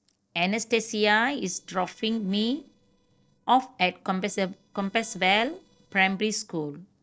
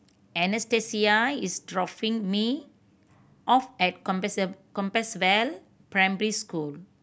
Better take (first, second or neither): second